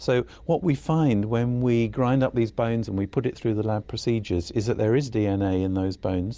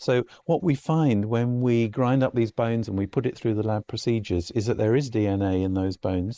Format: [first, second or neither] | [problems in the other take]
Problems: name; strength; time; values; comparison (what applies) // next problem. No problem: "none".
first | noise reduction (neural mask model Resemble Enhance denoiser)